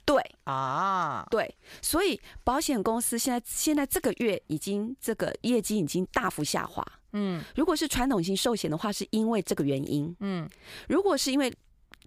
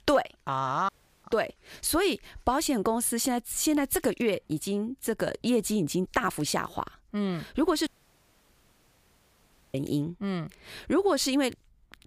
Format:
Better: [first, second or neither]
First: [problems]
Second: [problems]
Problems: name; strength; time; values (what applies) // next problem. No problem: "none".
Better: first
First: none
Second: audio cutting out; at 1 s and at 8 s for 2 s